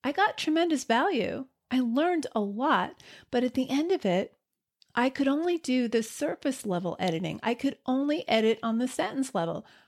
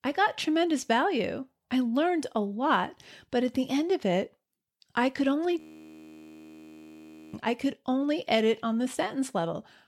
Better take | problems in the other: first | audio freezing; at 5.5 s for 1.5 s

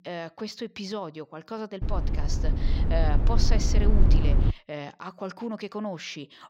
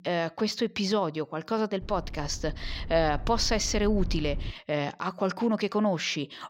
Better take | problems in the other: second | low rumble; loud; from 2 to 4.5 s; 3 dB below the speech; faint in the second

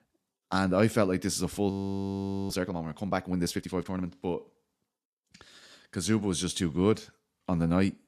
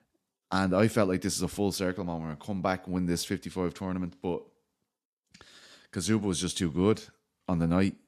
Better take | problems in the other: second | audio freezing; at 1.5 s for 1 s

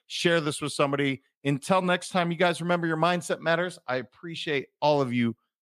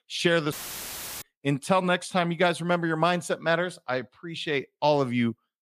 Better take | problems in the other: first | audio cutting out; filled with static; at 0.5 s for 0.5 s

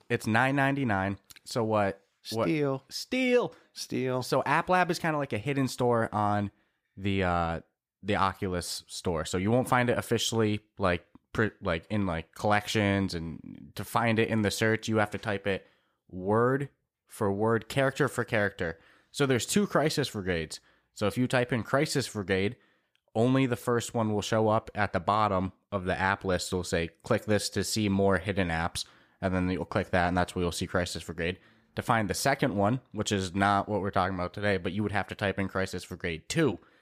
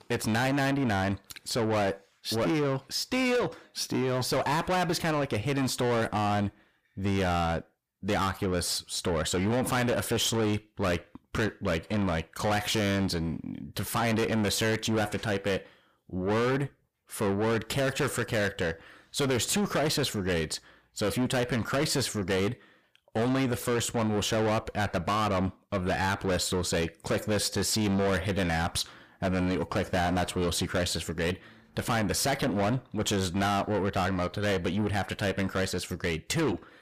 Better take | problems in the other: first | distortion; heavy; 6 dB below the speech

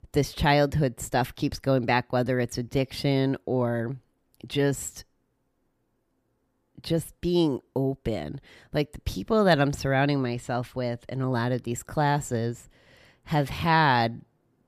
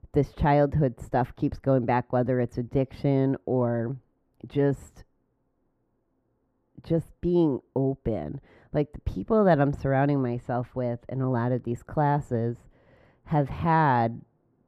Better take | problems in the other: first | muffled; very; fading above 2 kHz

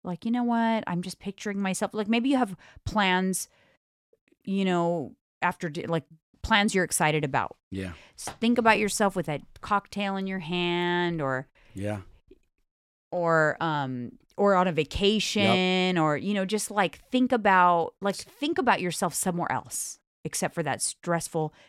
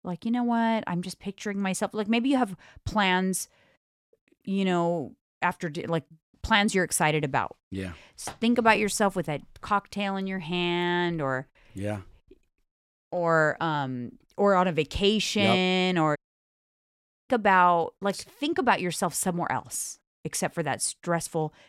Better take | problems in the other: first | audio cutting out; at 16 s for 1 s

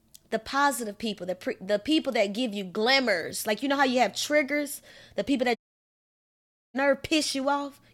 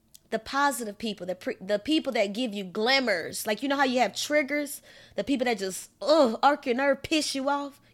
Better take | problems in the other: second | audio cutting out; at 5.5 s for 1 s

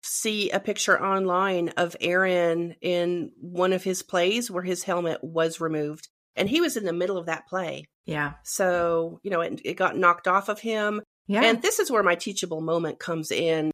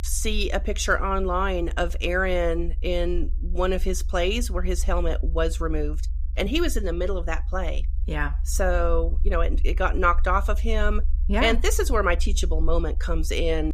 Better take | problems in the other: first | low rumble; faint; throughout; 25 dB below the speech

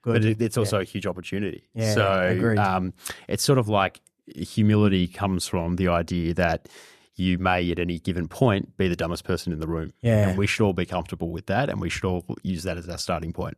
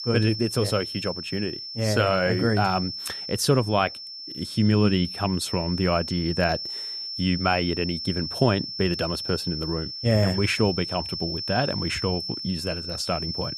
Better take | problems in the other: first | high-pitched whine; loud; throughout; 5.5 kHz, 6 dB below the speech

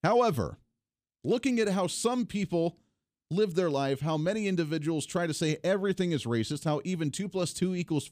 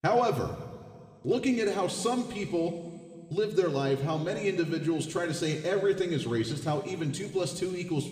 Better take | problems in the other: first | room echo; slight; dies away in 1.9 s // off-mic speech; somewhat distant

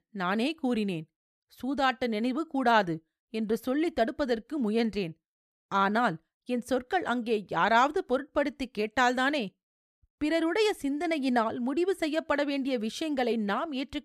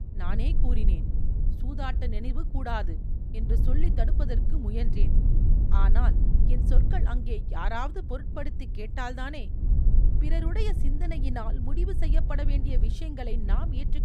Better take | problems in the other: first | low rumble; loud; throughout; 7 dB below the speech

